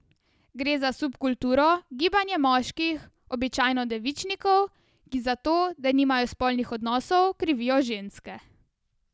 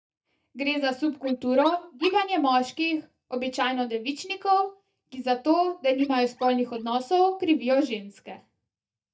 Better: first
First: none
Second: noise reduction (neural mask model DeepFilterNet 3)

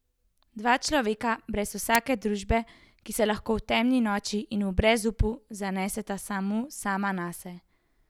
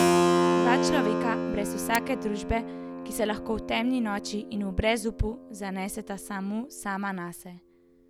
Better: first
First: none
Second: background sound (Keyboard (musical)); 1 dB above the speech

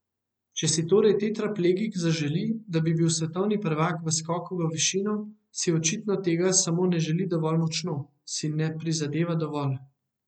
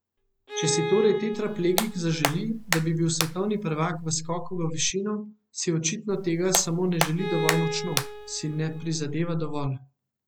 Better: first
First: none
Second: background sound (Hands + Bowed string instrument); 5 dB below the speech

